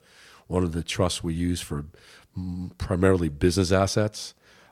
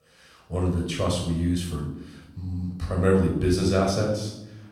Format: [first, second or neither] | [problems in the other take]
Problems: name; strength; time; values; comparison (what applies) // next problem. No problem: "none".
first | room echo; noticeable; dies away in 0.7 s // off-mic speech; far